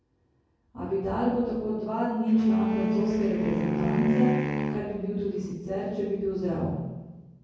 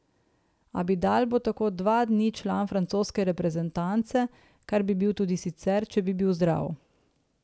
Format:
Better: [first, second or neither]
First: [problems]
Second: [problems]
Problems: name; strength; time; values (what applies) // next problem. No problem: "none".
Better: second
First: background sound (Wind instrument, woodwind instrument); 1 dB above the speech // room echo; dies away in 1.3 s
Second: none